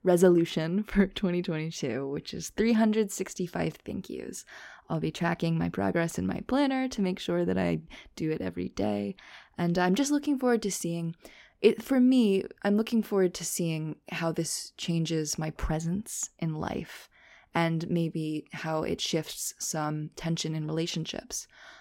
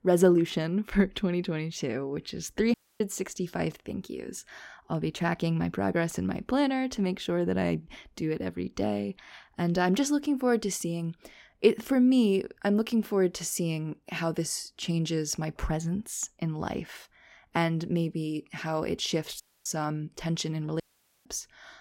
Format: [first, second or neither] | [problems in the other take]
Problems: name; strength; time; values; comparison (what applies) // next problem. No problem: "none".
first | audio cutting out; at 2.5 s, at 19 s and at 21 s